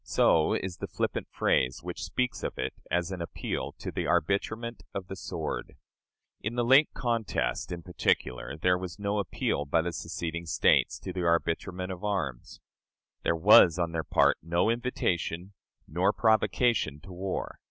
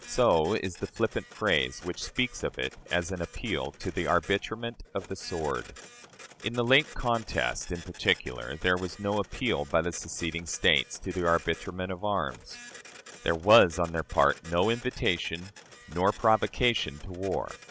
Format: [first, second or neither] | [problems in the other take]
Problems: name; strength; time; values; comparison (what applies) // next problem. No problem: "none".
first | background sound (Printer); 20 dB below the speech